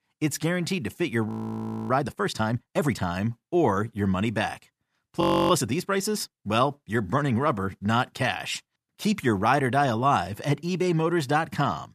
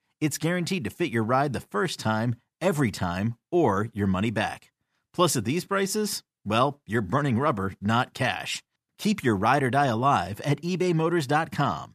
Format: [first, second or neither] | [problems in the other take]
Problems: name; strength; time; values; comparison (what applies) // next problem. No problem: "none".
second | audio freezing; at 1.5 s for 0.5 s and at 5 s